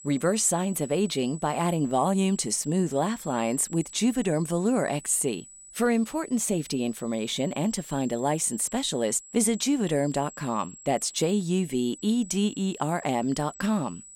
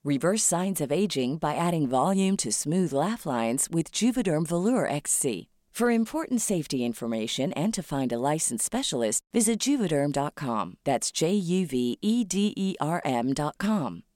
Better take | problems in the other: second | high-pitched whine; noticeable; throughout; 8 kHz, 15 dB below the speech

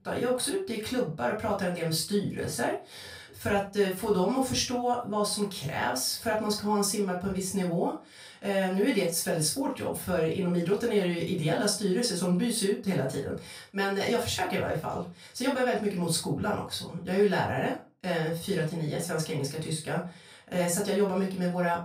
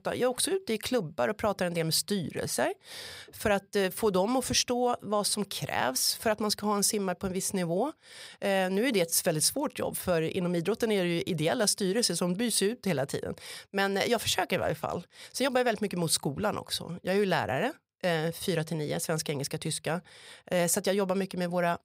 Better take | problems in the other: second | off-mic speech; far // room echo; slight; dies away in 0.3 s

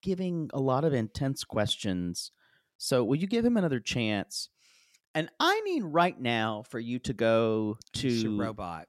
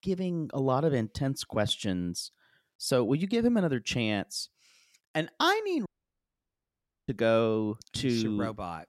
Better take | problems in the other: first | audio cutting out; at 6 s for 1 s

